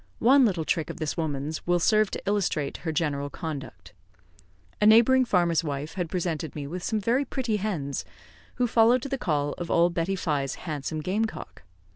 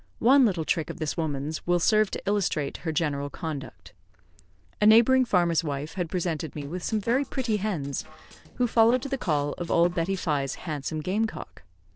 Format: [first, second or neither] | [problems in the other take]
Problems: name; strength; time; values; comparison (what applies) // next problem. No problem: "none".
first | noise reduction (neural separator model SepFormer DNS4)